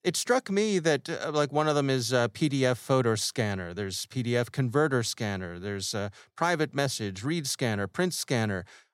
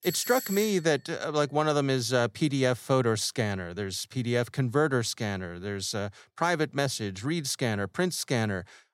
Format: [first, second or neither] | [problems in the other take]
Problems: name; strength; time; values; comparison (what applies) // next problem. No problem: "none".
first | doorbell; noticeable; at the start; peak 6 dB below the speech